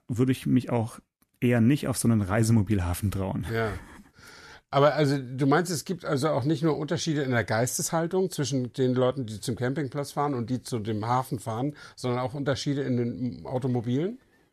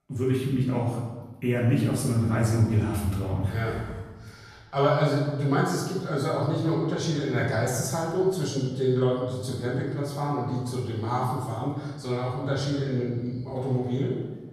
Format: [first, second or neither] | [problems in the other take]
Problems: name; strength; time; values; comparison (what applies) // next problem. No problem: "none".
first | off-mic speech; far // room echo; noticeable; dies away in 1.1 s